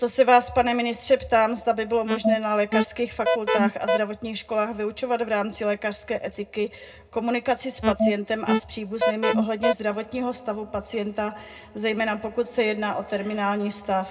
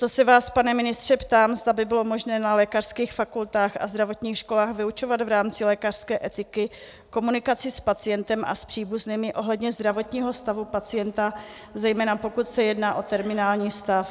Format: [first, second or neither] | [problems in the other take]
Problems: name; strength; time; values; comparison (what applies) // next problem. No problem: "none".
second | background sound (Alarm); 1 dB above the speech // room echo; dies away in 0.2 s